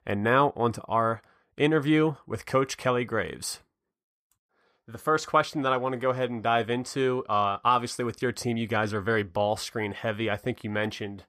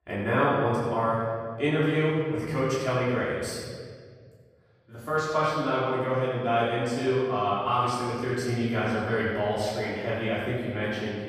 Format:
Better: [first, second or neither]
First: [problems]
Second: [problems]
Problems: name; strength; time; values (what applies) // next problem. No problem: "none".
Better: first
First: none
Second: off-mic speech; far // room echo; strong; dies away in 1.8 s